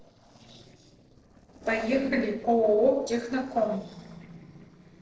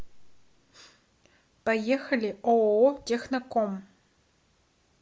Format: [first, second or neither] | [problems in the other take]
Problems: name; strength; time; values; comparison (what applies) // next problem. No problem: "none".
second | noise reduction (neural separator model SepFormer DNS4)